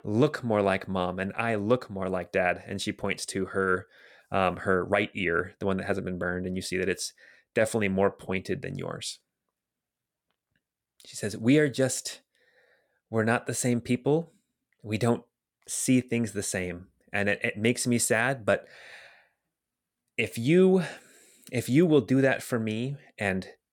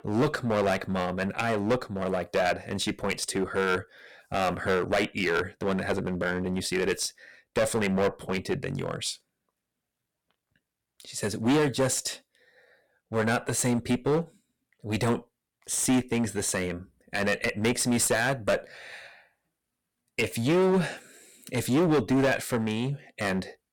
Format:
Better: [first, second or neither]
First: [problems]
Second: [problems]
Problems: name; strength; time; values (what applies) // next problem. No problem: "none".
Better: first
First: none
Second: distortion; heavy; 8% of the sound clipped